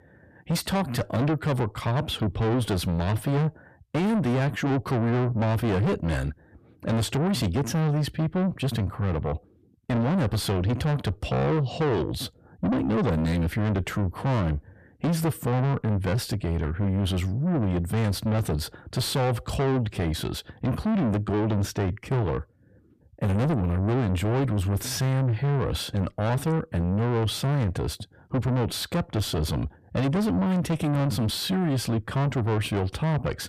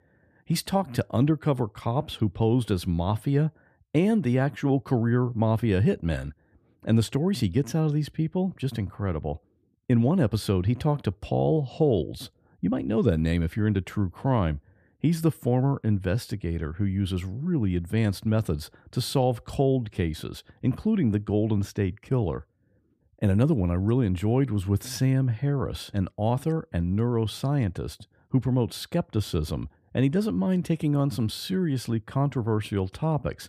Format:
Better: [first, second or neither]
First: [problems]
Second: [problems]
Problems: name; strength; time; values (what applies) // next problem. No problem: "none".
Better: second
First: distortion; heavy; 6 dB below the speech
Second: none